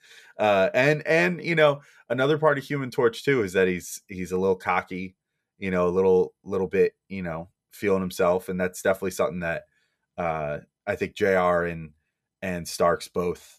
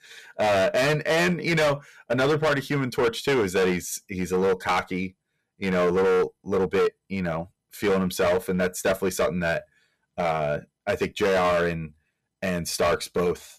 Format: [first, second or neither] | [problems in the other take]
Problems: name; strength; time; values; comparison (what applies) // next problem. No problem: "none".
first | distortion; heavy; 14% of the sound clipped